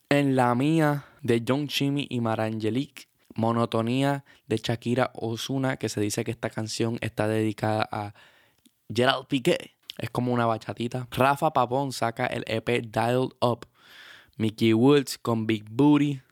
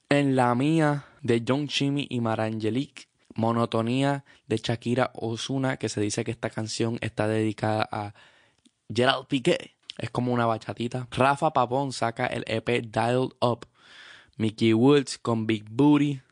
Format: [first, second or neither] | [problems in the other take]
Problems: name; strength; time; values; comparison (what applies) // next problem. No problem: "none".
first | garbled, watery; slightly; nothing above 9 kHz